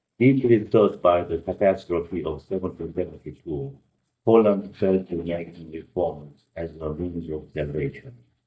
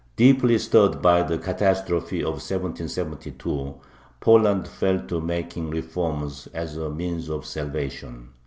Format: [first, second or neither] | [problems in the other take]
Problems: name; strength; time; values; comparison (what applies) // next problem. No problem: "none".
second | noise reduction (neural mask model DeepFilterNet 3)